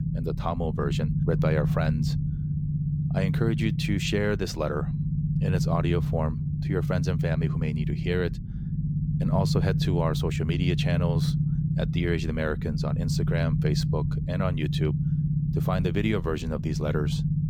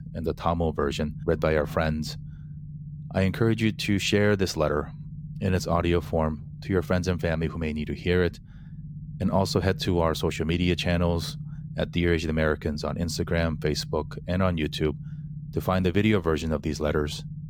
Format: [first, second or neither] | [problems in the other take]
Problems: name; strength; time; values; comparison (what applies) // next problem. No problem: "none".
second | low rumble; loud; throughout; 6 dB below the speech; faint in the second